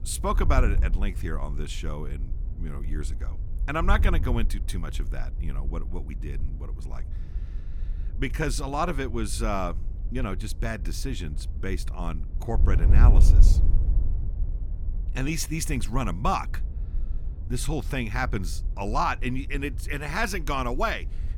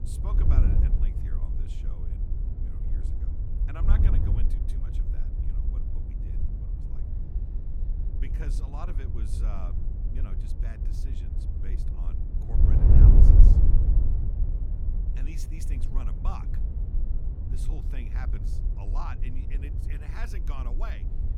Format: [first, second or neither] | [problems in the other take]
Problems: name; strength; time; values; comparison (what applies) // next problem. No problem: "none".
first | wind noise on the microphone; heavy; 2 dB above the speech; occasional gusts in the first